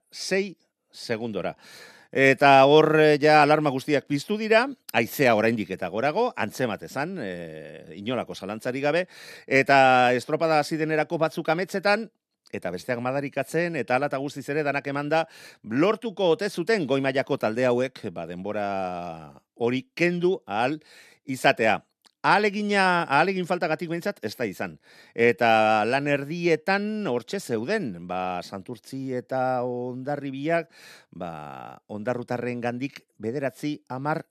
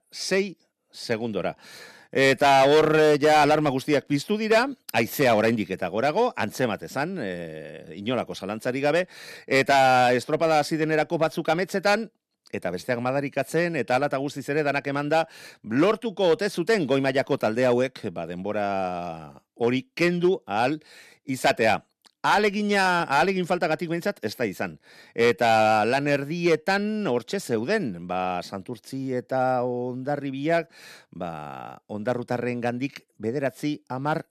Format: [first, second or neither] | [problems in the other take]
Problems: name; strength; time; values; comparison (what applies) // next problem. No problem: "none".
first | distortion; slight; 3% of the sound clipped